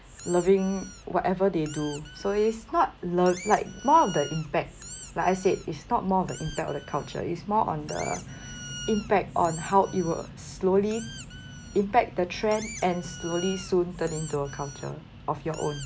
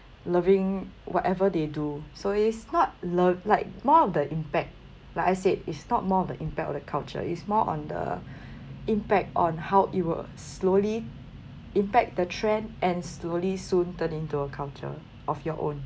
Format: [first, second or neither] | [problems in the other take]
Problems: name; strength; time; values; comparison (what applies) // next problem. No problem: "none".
second | background sound (Squeak); 17 dB below the speech